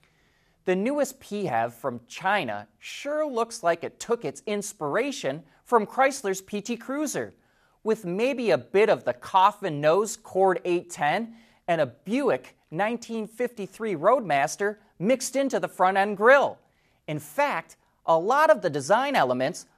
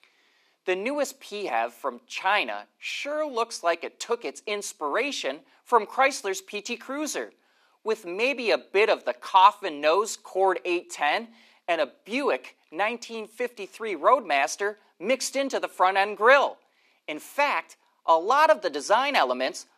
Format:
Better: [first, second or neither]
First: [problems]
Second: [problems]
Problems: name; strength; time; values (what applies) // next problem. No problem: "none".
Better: first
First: none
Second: thin; very slightly; fading below 250 Hz